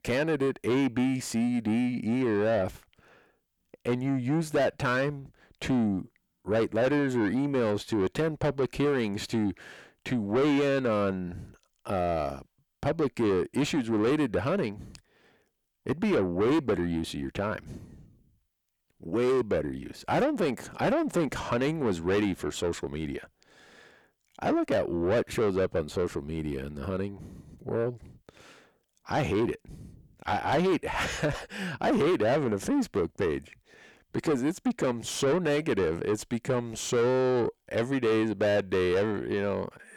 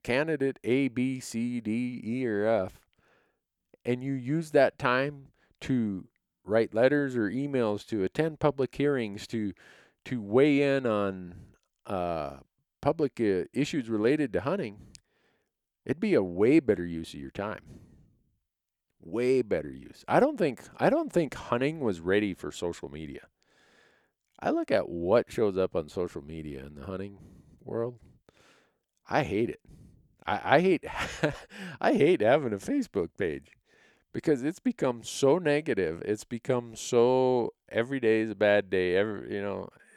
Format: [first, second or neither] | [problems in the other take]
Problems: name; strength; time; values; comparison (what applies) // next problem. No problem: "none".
second | distortion; heavy; 7 dB below the speech